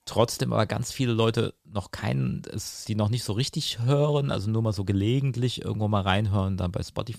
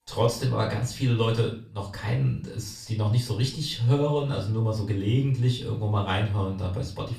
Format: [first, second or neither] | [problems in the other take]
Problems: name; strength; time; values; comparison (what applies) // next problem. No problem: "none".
first | off-mic speech; far // room echo; slight; dies away in 0.4 s